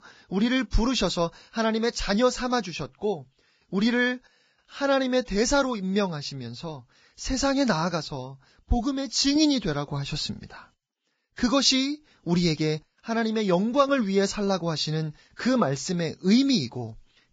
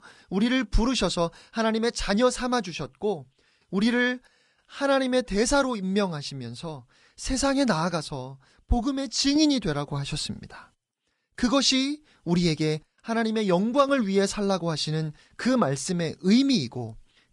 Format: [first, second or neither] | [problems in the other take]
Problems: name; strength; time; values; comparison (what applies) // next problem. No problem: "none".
second | garbled, watery; badly; nothing above 7.5 kHz; slightly in the second